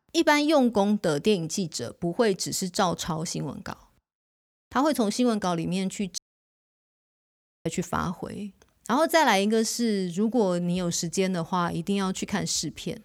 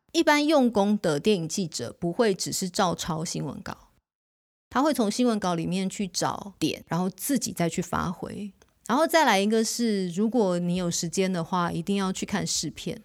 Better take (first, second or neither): second